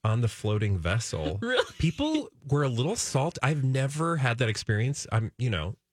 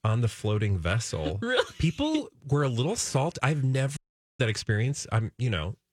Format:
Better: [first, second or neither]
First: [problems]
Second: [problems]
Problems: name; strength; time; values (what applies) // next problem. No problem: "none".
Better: first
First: none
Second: audio cutting out; at 4 s